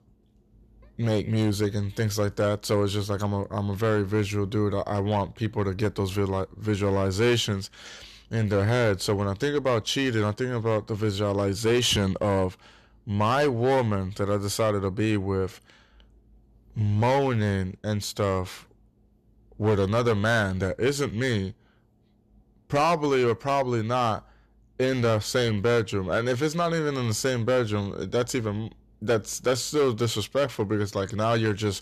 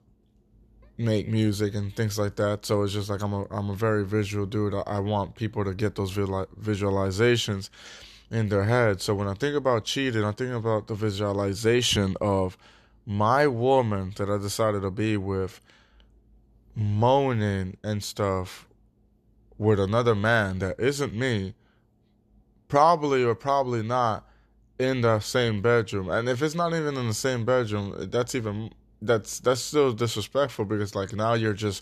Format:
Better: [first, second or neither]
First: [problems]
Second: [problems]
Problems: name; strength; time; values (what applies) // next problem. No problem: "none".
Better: second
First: distortion; slight; 6% of the sound clipped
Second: none